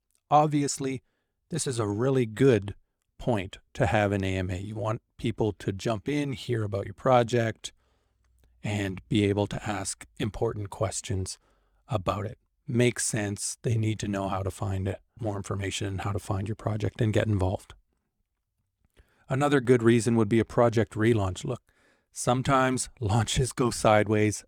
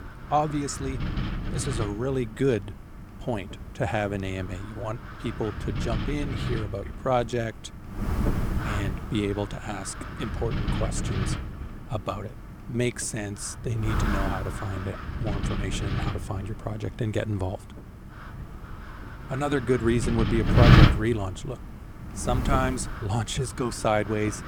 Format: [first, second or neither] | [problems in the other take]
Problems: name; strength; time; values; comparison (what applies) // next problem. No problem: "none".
first | wind noise on the microphone; heavy; 3 dB below the speech